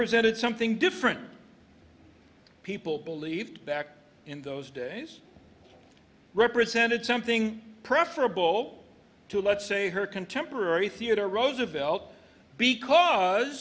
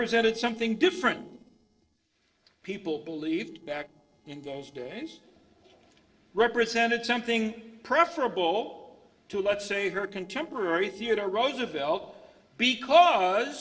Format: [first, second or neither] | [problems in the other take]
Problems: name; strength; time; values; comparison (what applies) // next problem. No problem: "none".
first | noise reduction (neural separator model SepFormer DNS4)